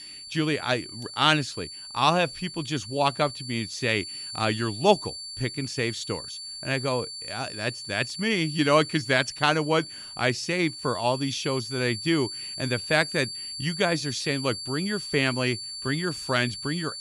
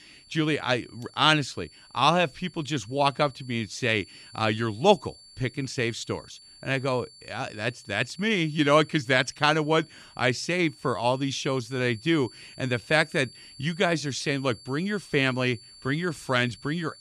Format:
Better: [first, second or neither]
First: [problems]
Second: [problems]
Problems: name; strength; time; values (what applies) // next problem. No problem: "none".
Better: second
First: high-pitched whine; loud; throughout; 4.5 kHz, 9 dB below the speech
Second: high-pitched whine; faint; throughout; 4.5 kHz, 20 dB below the speech